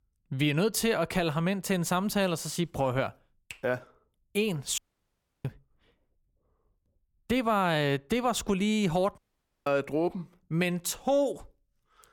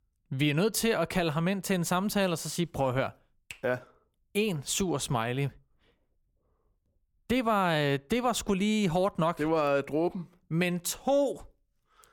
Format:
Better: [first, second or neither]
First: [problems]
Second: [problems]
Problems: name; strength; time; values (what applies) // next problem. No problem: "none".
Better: second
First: audio cutting out; at 5 s for 0.5 s and at 9 s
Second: none